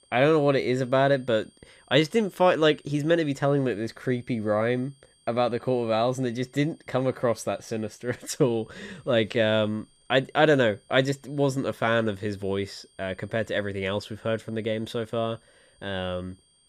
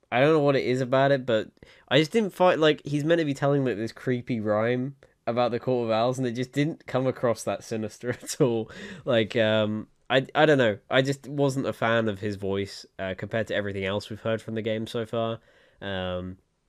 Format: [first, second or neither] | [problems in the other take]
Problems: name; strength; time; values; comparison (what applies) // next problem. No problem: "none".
second | high-pitched whine; faint; throughout; 8.5 kHz, 35 dB below the speech